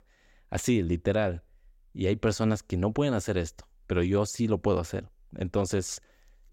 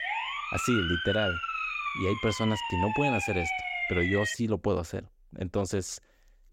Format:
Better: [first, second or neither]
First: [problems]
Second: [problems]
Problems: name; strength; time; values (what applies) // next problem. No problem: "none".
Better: first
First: none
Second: siren; loud; until 4.5 s; peak 2 dB above the speech